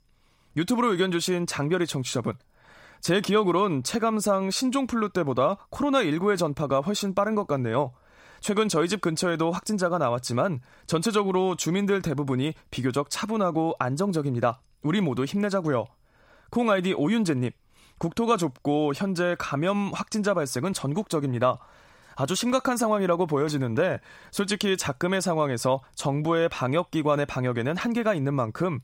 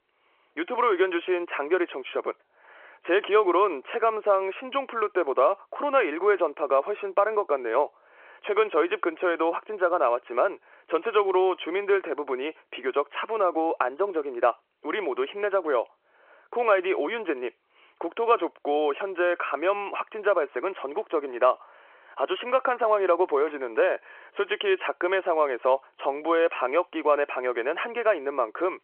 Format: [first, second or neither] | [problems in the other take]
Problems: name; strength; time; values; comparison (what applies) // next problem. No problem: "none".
first | phone-call audio